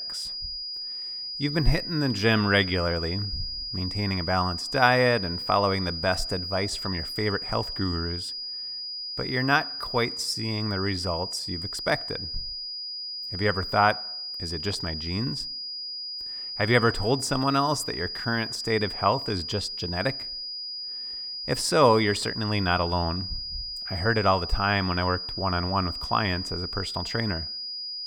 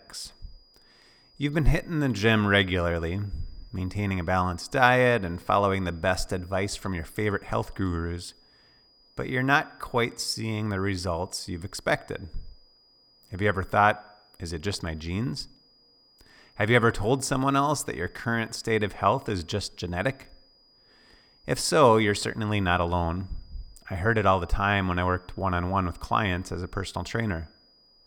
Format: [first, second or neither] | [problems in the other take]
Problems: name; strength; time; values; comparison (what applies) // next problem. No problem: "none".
second | high-pitched whine; loud; throughout; 5 kHz, 5 dB below the speech; faint in the second